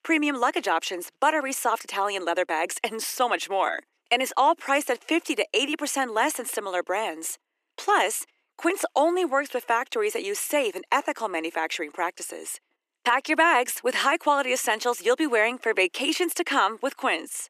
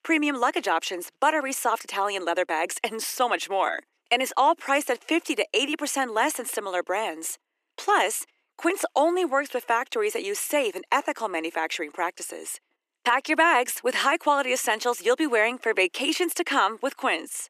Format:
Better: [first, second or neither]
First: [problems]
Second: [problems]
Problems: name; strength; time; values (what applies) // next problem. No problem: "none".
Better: neither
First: thin; somewhat; fading below 300 Hz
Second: thin; somewhat; fading below 300 Hz